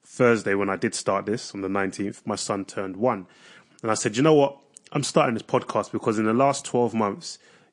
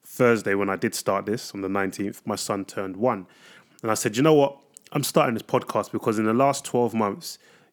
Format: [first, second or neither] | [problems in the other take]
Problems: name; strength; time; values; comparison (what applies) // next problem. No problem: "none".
second | garbled, watery; slightly; nothing above 8 kHz